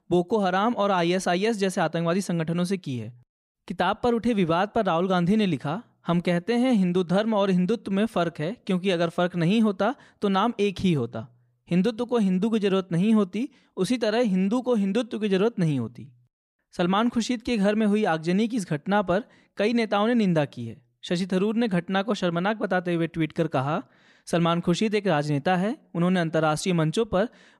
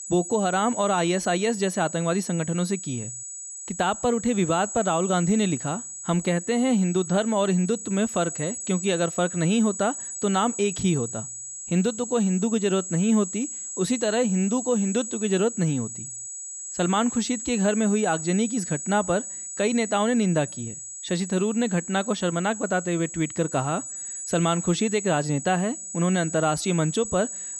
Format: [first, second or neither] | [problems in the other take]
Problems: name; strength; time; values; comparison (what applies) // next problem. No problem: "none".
first | high-pitched whine; loud; throughout; 8 kHz, 8 dB below the speech